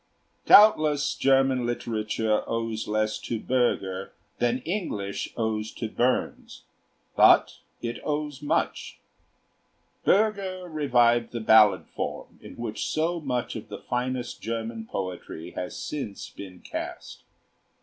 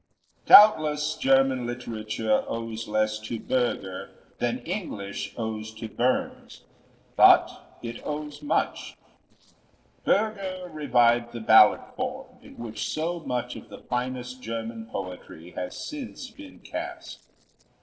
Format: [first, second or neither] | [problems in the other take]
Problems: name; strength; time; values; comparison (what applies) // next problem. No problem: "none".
first | noise reduction (neural separator model SepFormer DNS4)